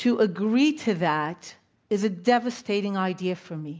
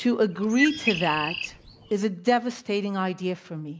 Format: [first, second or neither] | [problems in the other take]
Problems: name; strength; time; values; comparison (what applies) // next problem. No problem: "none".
first | background sound (Bird); 5 dB below the speech